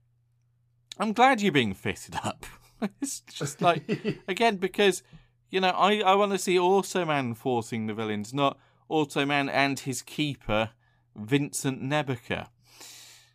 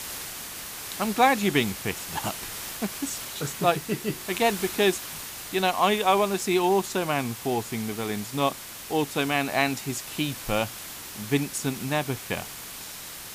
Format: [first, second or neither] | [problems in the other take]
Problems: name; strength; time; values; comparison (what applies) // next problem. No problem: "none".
first | hiss; loud; throughout; 9 dB below the speech